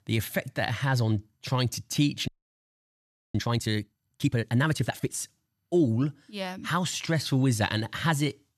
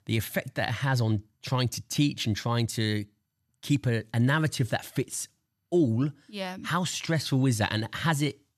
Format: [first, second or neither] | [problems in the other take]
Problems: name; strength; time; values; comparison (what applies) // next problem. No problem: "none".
second | audio freezing; at 2.5 s for 1 s